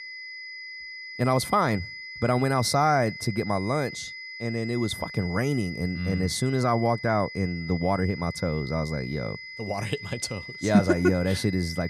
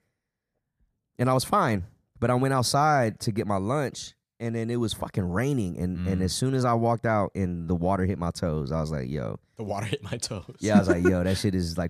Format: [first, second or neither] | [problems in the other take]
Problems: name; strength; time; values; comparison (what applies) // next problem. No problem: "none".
second | high-pitched whine; noticeable; throughout; 2 kHz, 10 dB below the speech